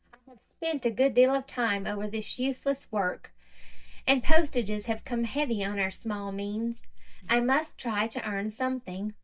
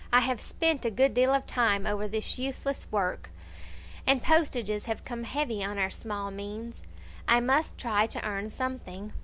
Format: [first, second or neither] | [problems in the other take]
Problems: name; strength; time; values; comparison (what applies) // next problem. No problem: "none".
second | noise reduction (neural mask model DeepFilterNet 3)